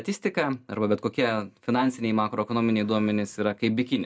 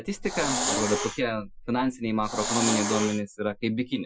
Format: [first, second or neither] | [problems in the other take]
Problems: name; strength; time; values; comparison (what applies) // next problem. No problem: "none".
first | noise reduction (classical method Wiener filter)